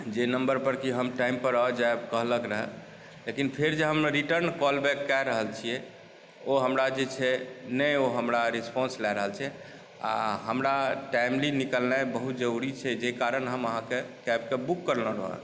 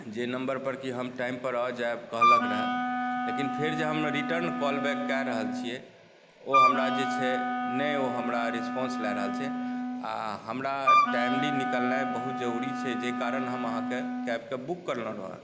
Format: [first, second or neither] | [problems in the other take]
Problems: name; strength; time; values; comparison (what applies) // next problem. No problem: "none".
first | background sound (Wind instrument, woodwind instrument); 4 dB above the speech